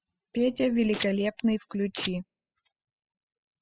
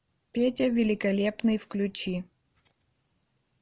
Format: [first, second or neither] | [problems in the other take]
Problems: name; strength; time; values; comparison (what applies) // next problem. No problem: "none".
second | noise reduction (classical method spectral subtraction)